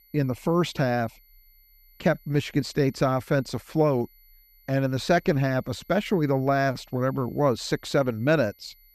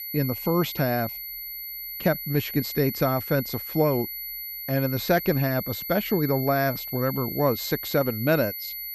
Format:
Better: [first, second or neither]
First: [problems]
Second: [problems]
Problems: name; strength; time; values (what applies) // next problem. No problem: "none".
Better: first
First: high-pitched whine; faint; throughout; 12 kHz, 30 dB below the speech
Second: high-pitched whine; loud; throughout; 12 kHz, 6 dB below the speech